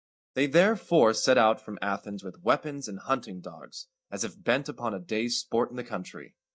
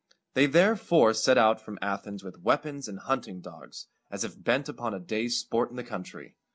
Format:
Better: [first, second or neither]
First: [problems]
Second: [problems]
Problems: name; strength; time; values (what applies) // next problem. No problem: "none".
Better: second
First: noise reduction (neural mask model DeepFilterNet 3)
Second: none